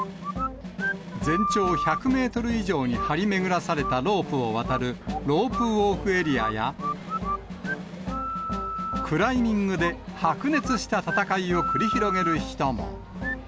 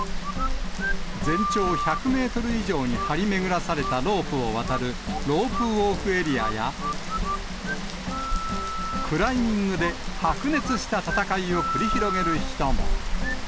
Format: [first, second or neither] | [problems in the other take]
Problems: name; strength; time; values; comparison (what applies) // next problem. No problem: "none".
first | background sound (Rain); 4 dB below the speech